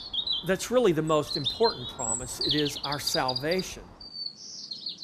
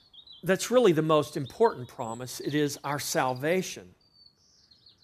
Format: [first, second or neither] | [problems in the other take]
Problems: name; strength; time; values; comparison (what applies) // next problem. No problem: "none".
second | animal sounds; loud; throughout; 2 dB below the speech; faint in the second